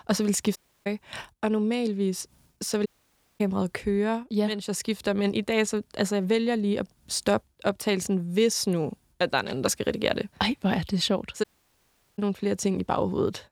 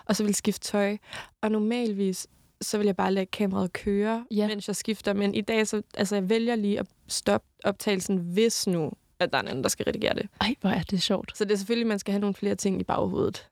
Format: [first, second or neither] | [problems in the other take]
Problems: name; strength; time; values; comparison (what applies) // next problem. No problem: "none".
second | audio cutting out; at 0.5 s, at 3 s for 0.5 s and at 11 s for 0.5 s